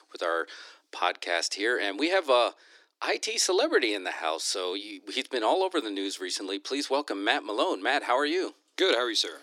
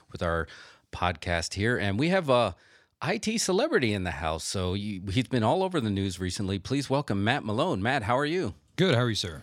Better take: second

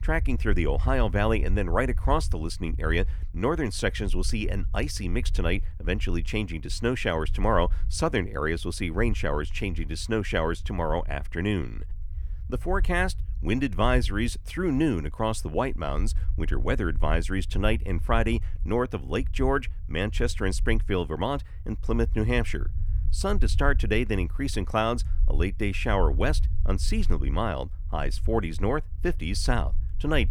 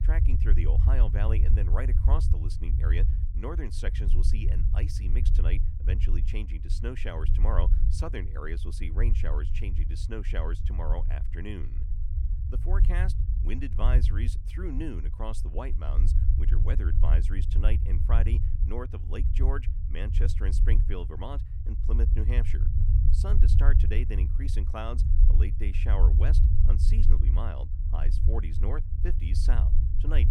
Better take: first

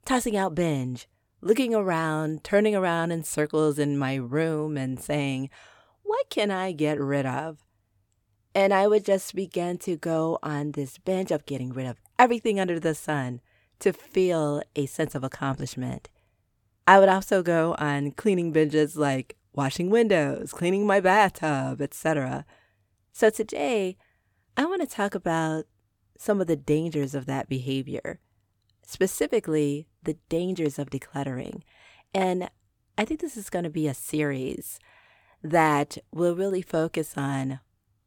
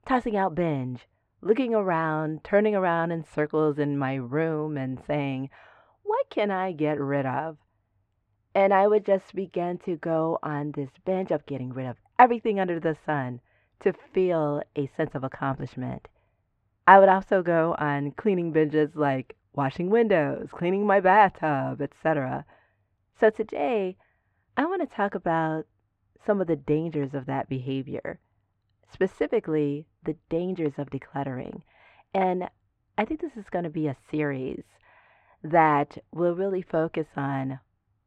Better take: first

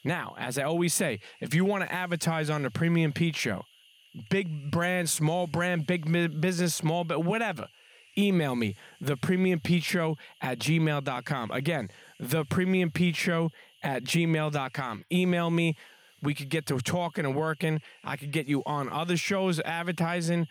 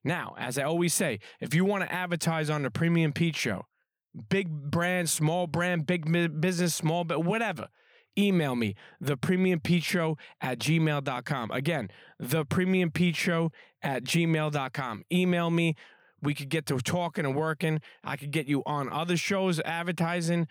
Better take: second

